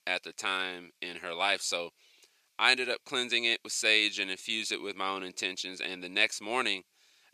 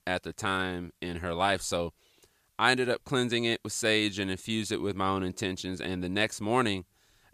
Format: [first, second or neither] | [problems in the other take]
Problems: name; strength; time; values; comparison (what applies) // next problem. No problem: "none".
second | thin; somewhat; fading below 350 Hz